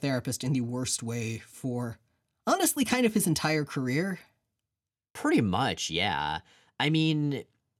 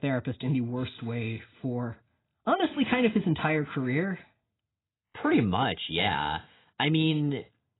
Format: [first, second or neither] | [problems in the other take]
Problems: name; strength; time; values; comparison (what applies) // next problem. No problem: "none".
first | garbled, watery; badly; nothing above 4 kHz